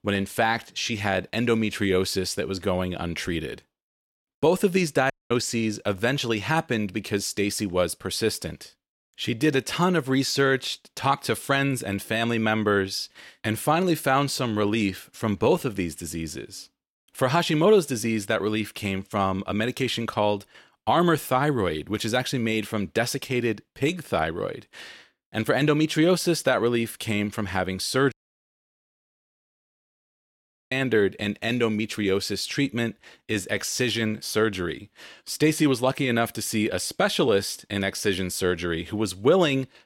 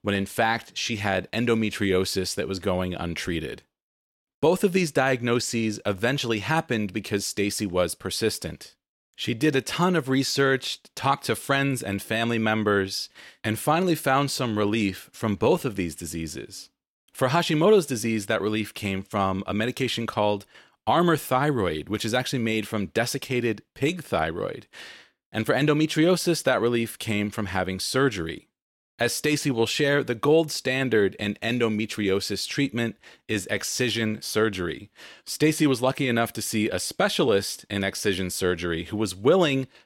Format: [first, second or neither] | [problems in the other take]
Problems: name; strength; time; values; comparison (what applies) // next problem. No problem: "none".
second | audio cutting out; at 5 s and at 28 s for 2.5 s